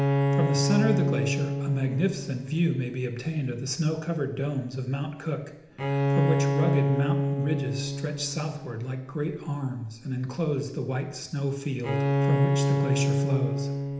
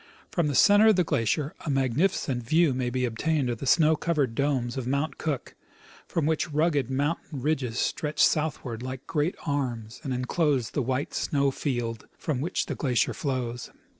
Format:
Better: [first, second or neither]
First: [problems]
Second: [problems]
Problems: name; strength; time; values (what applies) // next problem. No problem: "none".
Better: second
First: background sound (Bowed string instrument); 1 dB above the speech // room echo; dies away in 0.8 s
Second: none